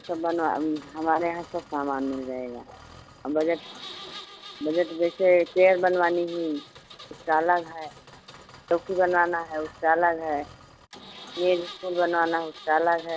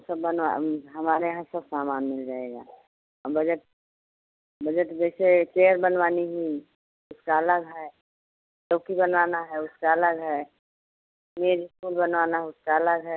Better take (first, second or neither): second